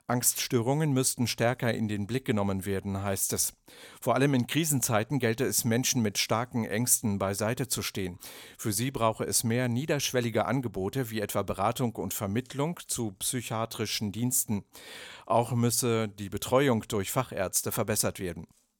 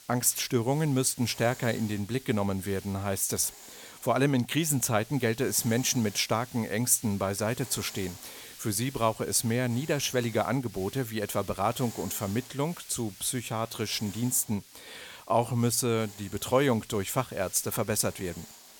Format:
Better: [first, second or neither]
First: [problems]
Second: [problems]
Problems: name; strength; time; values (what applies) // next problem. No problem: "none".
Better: first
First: none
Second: hiss; noticeable; throughout; 20 dB below the speech